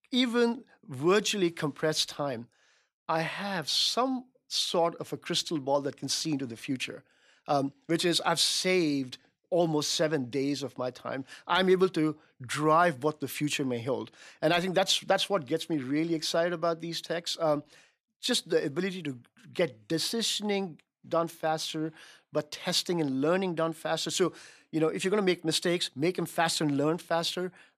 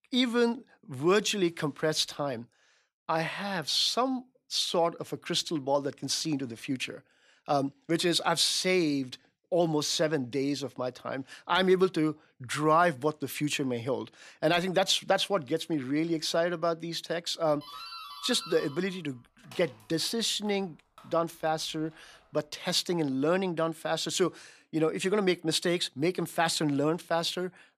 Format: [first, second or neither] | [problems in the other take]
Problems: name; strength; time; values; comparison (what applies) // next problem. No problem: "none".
first | doorbell; faint; from 18 to 22 s; peak 10 dB below the speech